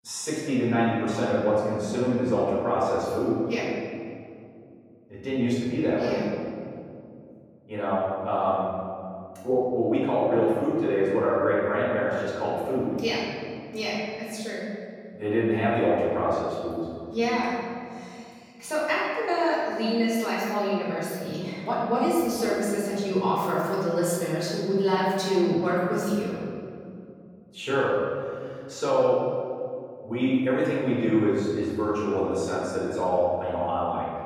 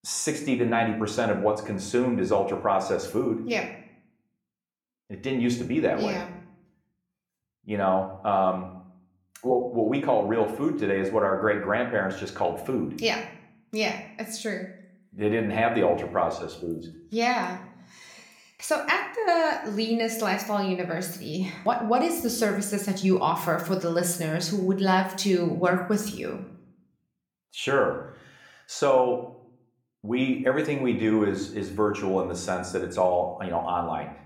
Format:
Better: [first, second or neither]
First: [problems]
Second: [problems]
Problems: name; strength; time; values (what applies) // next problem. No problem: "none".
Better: second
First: room echo; strong; dies away in 2.4 s // off-mic speech; far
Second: room echo; slight; dies away in 0.5 s